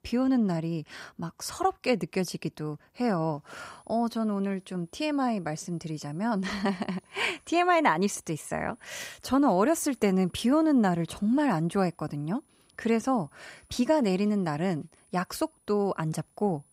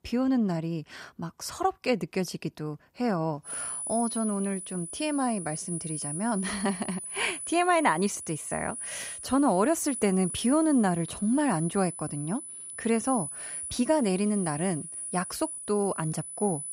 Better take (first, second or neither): first